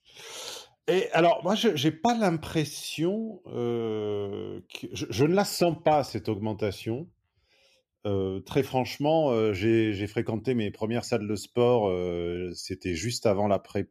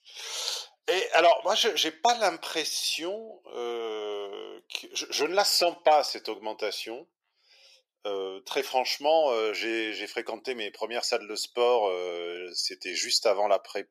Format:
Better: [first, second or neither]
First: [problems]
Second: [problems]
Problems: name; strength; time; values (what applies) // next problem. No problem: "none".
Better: first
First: none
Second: thin; very; fading below 500 Hz